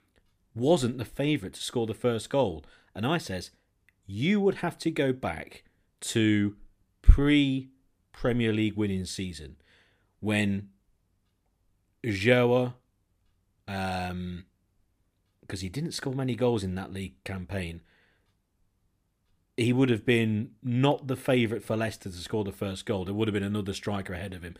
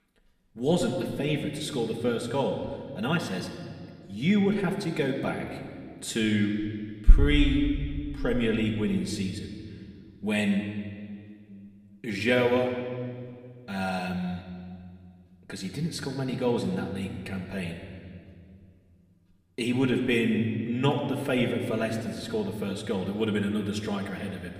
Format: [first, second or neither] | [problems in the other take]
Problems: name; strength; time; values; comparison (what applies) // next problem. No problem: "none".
first | room echo; slight; dies away in 1.8 s // off-mic speech; somewhat distant